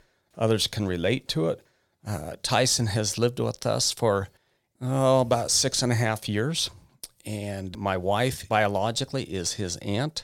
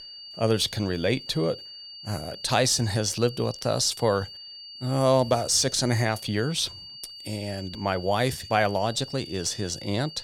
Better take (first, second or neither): first